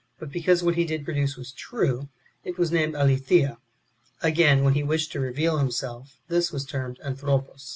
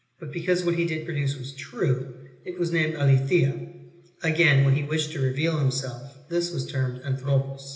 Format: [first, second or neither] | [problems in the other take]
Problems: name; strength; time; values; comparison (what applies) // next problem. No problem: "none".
first | room echo; dies away in 1 s